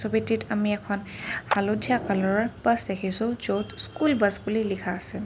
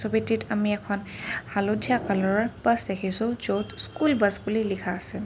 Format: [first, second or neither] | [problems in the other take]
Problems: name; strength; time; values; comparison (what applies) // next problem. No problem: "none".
second | background sound (Clapping); 9 dB below the speech